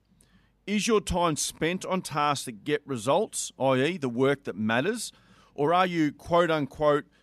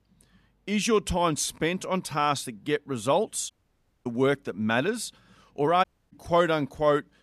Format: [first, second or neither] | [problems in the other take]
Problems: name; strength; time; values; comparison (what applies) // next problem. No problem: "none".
first | audio cutting out; at 3.5 s for 0.5 s and at 6 s